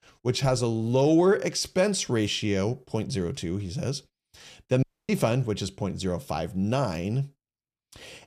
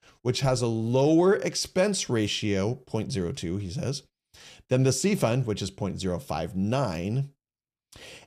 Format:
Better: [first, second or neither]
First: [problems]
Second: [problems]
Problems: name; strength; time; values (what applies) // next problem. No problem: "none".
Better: second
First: audio cutting out; at 5 s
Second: none